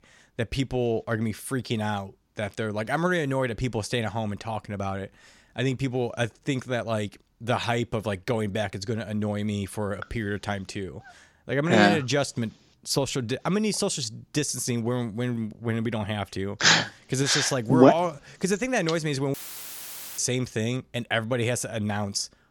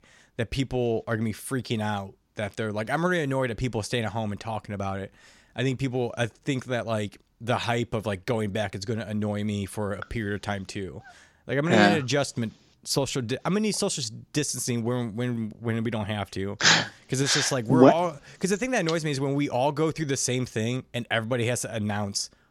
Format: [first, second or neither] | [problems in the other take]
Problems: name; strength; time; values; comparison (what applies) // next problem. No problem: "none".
second | audio cutting out; filled with static; at 19 s for 1 s